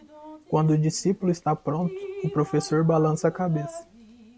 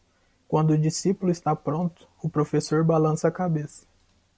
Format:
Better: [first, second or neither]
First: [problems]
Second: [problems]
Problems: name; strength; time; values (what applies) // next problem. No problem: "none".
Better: second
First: background sound (Drip); 16 dB below the speech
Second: none